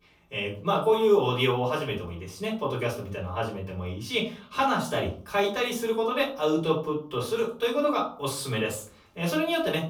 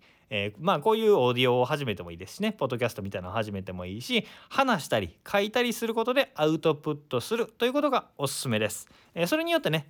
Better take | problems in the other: second | off-mic speech; far // room echo; slight; dies away in 0.3 s

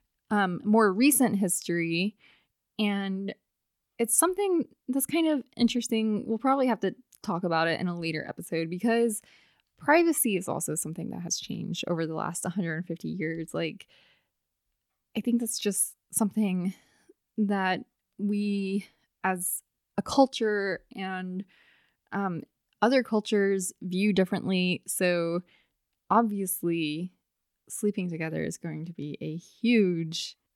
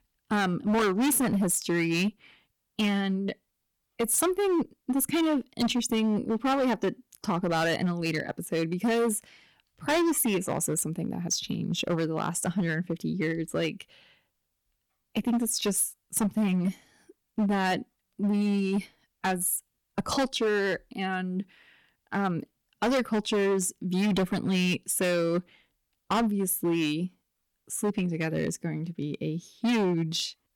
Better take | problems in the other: first | distortion; heavy; 12% of the sound clipped

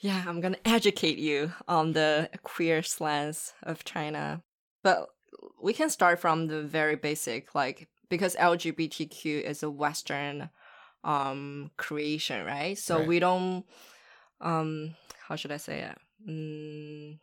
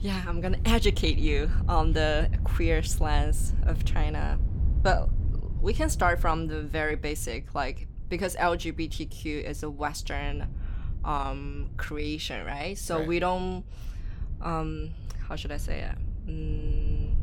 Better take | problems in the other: first | wind noise on the microphone; occasional gusts; 20 dB below the speech

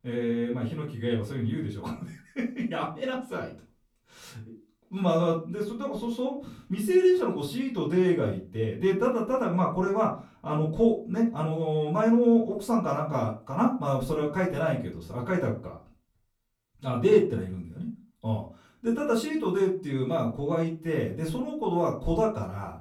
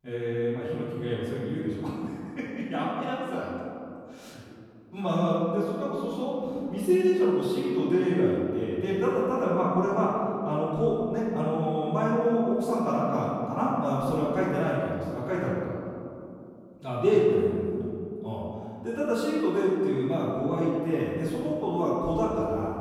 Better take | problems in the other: first | room echo; strong; dies away in 2.7 s; slight in the first // off-mic speech; far; far in the first

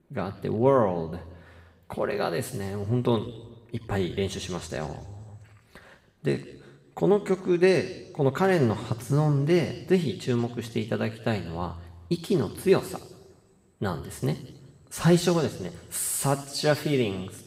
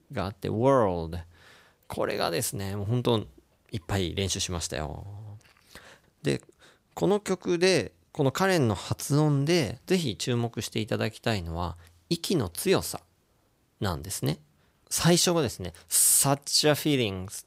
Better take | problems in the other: second | room echo; slight; dies away in 1.1 s

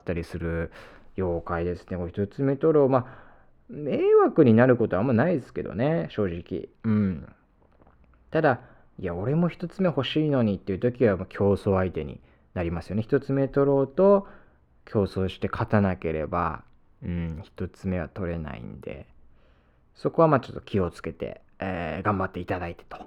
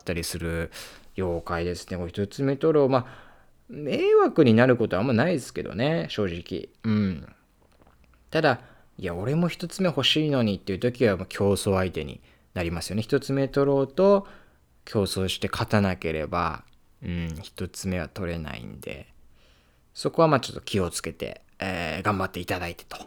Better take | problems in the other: second | muffled; very; fading above 3 kHz

